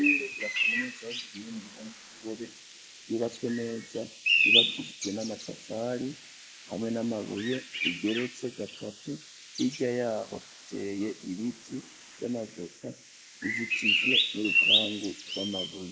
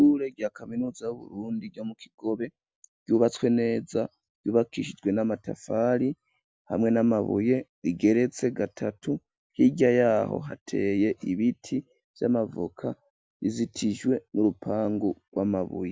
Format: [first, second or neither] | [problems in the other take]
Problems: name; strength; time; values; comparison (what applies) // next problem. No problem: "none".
second | noise reduction (neural mask model Resemble Enhance denoiser)